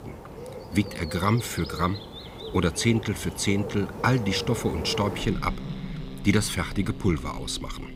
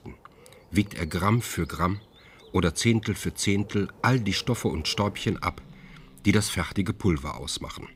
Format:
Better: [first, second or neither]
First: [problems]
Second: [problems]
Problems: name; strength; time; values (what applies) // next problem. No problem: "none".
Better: second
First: animal sounds; loud; throughout; 10 dB below the speech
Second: animal sounds; faint; throughout; 25 dB below the speech